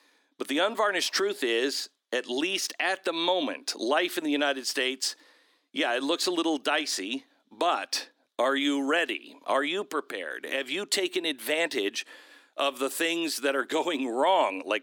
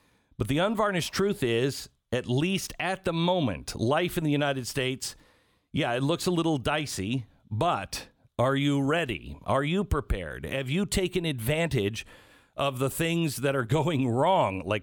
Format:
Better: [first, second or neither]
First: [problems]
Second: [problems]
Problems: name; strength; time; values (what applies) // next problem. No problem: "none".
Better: second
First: thin; very slightly; fading below 300 Hz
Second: none